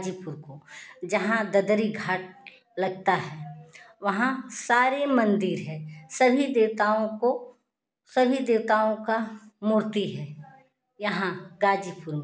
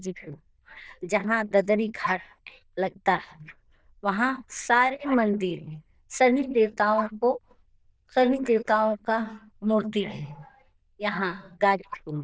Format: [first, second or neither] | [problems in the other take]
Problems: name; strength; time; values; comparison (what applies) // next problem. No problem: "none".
first | noise reduction (neural diffusion model UNIVERSE++)